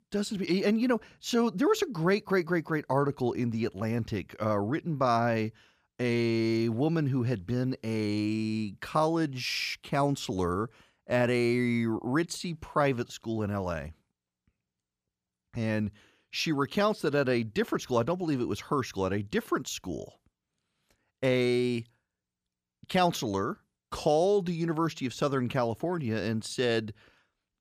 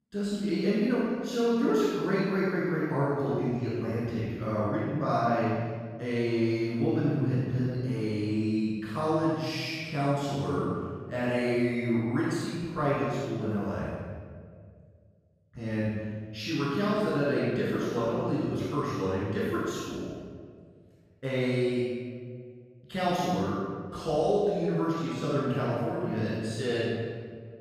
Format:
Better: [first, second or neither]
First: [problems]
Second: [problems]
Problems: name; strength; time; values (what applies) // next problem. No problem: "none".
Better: first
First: none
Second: room echo; strong; dies away in 1.6 s // off-mic speech; far